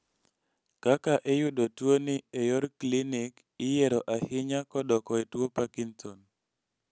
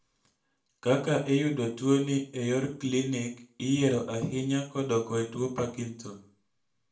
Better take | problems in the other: first | room echo; dies away in 0.4 s

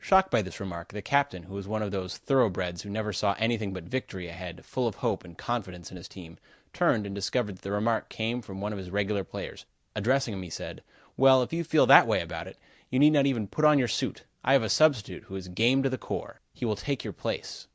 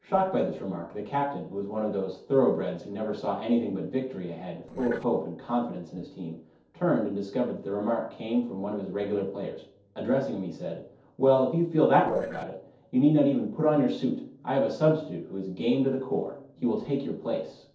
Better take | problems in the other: first | noise reduction (neural separator model SepFormer DNS4)

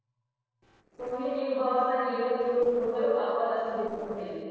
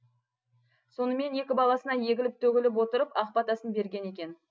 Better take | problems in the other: second | noise reduction (neural separator model SepFormer DNS4)

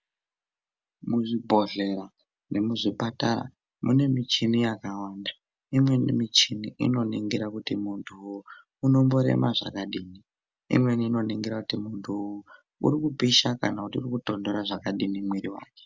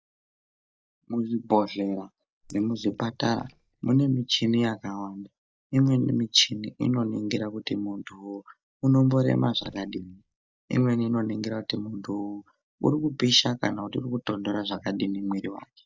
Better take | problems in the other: first | noise reduction (neural mask model DeepFilterNet 3)

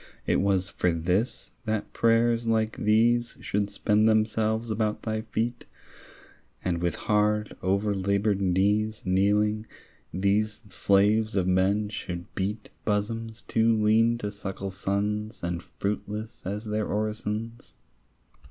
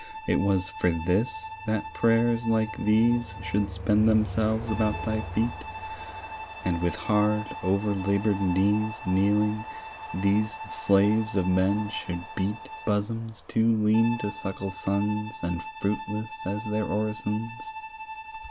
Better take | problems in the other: first | background sound (Bowed string instrument + Train); 11 dB below the speech

